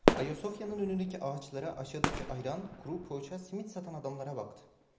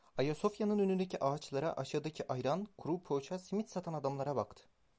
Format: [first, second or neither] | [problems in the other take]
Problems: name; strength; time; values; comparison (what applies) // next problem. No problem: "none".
second | background sound (Fireworks); 2 dB above the speech // room echo; dies away in 0.7 s